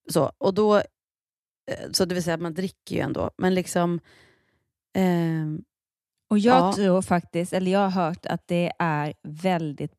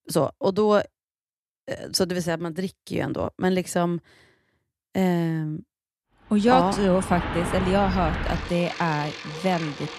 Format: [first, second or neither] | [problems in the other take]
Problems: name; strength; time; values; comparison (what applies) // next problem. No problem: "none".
first | traffic noise; loud; from 6.5 s on; 7 dB below the speech